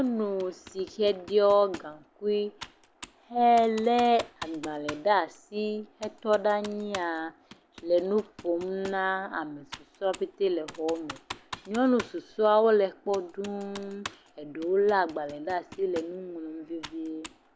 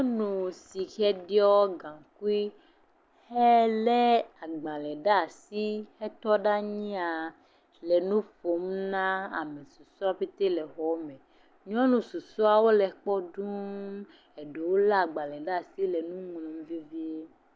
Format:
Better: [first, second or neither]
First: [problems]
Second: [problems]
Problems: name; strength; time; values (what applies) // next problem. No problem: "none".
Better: second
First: background sound (Computer keyboard); 19 dB below the speech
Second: none